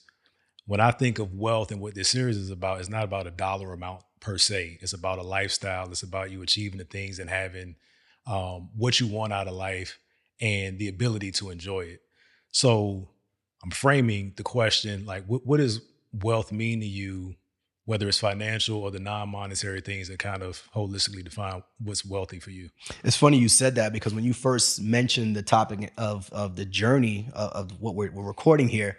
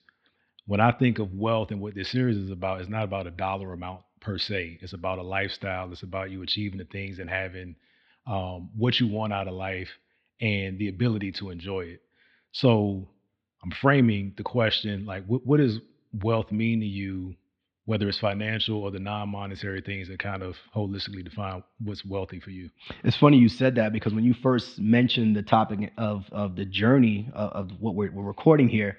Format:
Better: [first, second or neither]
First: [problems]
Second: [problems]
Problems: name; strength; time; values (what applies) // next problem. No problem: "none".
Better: first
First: none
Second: muffled; slightly; fading above 4 kHz